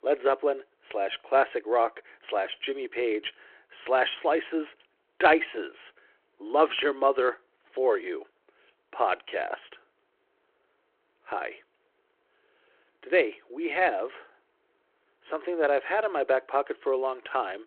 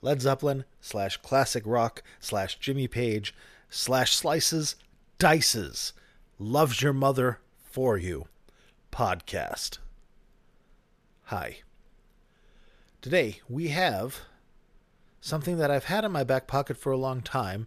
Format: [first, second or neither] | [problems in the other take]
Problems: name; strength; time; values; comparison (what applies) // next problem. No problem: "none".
second | phone-call audio